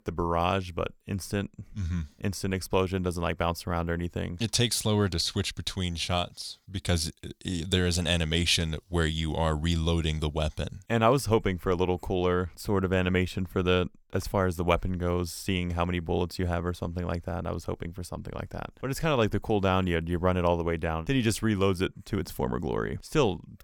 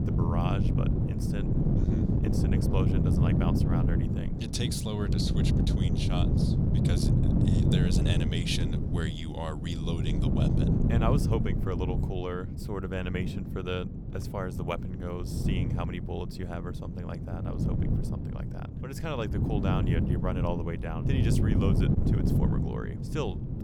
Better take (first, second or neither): first